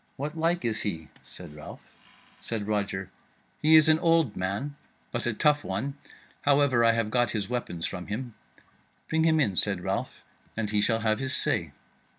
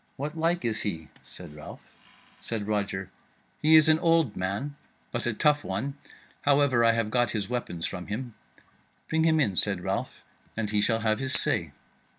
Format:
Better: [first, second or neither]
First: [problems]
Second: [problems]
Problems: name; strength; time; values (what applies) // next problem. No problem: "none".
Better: first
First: none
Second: background sound (Tap / Glass); 17 dB below the speech